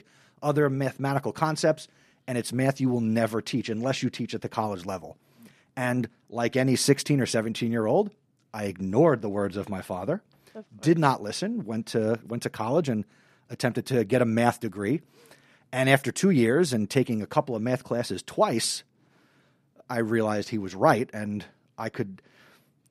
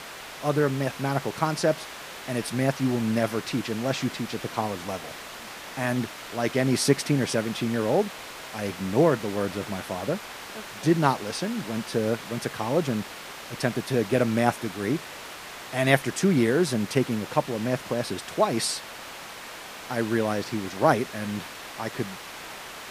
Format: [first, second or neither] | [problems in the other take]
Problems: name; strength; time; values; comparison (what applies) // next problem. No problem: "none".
first | hiss; noticeable; throughout; 10 dB below the speech